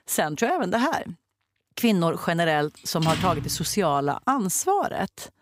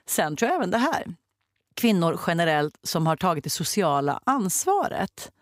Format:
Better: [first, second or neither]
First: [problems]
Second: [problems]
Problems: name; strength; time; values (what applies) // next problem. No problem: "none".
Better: second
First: door banging; noticeable; at 3 s; peak 4 dB below the speech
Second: none